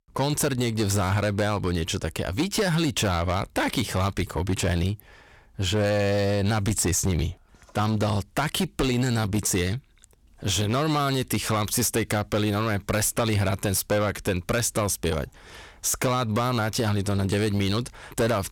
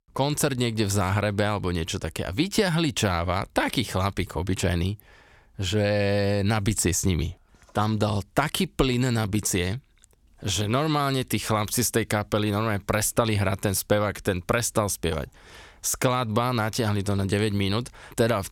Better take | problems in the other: second | distortion; slight; 10% of the sound clipped

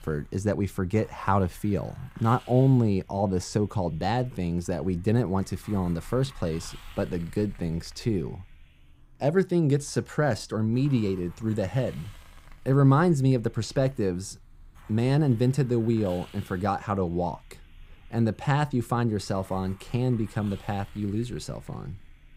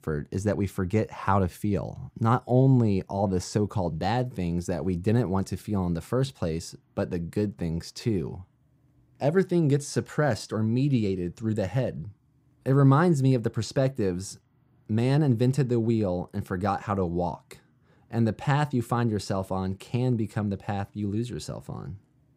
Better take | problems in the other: second | hiss; faint; throughout; 25 dB below the speech

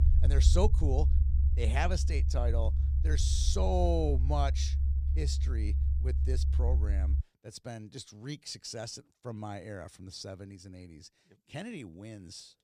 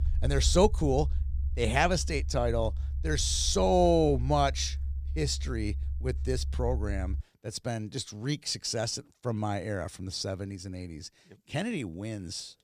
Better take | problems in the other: second | low rumble; loud; until 7 s; 10 dB below the speech; faint in the second

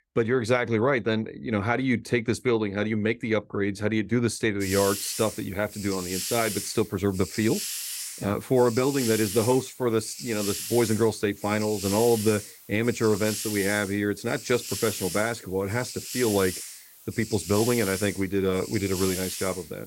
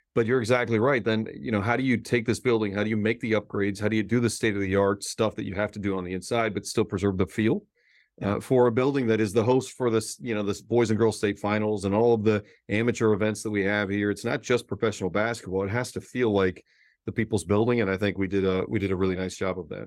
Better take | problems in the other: second | hiss; loud; from 4.5 s on; 7 dB below the speech

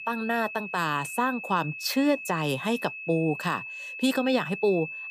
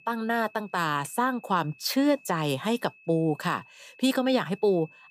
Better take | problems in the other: second | high-pitched whine; loud; throughout; 2.5 kHz, 9 dB below the speech; faint in the second

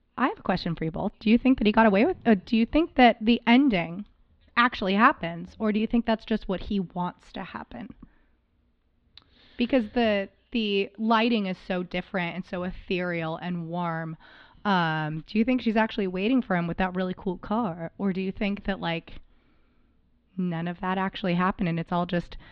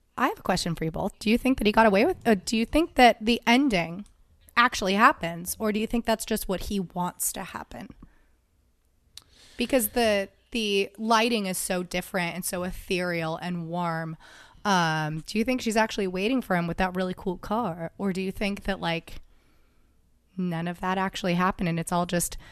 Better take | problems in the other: second | muffled; slightly; fading above 4 kHz

